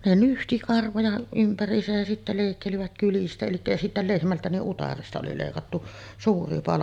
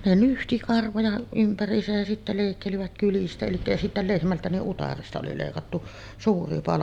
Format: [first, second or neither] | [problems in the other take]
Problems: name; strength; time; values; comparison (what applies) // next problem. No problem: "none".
first | background sound (Wind); 18 dB below the speech